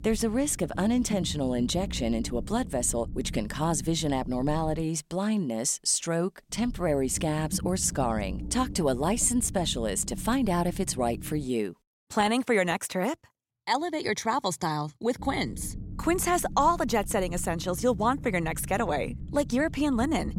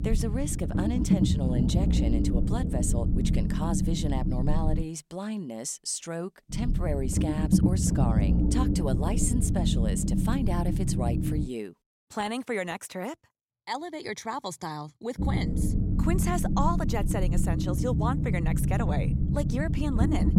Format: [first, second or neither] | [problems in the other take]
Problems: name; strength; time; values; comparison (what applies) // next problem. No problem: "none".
first | low rumble; loud; until 5 s, from 6.5 to 11 s and from 15 s on; 2 dB below the speech; faint in the first